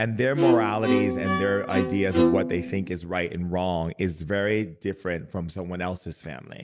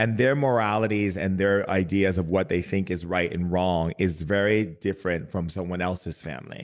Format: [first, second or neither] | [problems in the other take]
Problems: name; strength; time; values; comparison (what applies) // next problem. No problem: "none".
second | background sound (Bowed string instrument); 2 dB above the speech